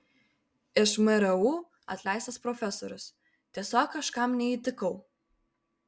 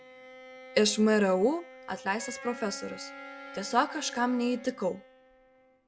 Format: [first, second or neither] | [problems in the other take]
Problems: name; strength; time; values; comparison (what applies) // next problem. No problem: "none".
first | background sound (Bowed string instrument + Wind instrument, woodwind instrument); 16 dB below the speech